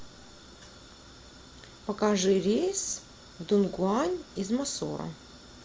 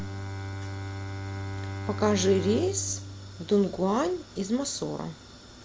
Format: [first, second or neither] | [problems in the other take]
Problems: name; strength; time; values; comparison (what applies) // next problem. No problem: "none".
first | background sound (Bowed string instrument); 8 dB below the speech